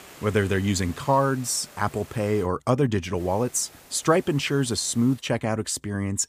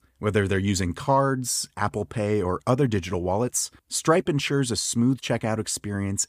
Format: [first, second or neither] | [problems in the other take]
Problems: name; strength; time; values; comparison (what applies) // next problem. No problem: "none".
second | hiss; faint; until 2.5 s and from 3 to 5 s; 20 dB below the speech